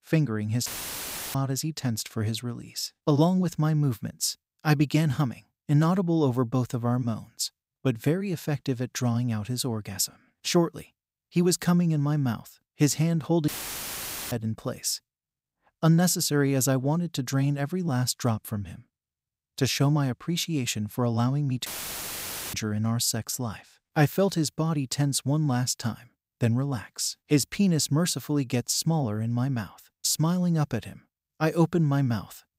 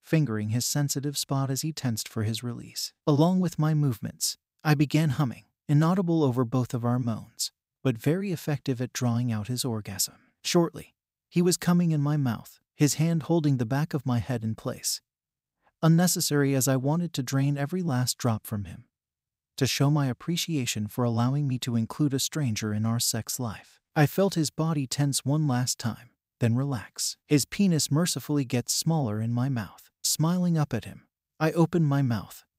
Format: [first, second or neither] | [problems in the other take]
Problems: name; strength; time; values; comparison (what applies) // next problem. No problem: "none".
second | audio cutting out; filled with static; at 0.5 s for 0.5 s, at 13 s for 1 s and at 22 s for 1 s